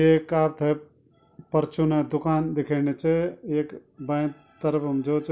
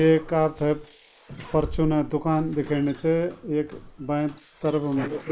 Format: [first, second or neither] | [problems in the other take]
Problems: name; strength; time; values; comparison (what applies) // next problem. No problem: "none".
first | noise reduction (neural mask model Resemble Enhance denoiser)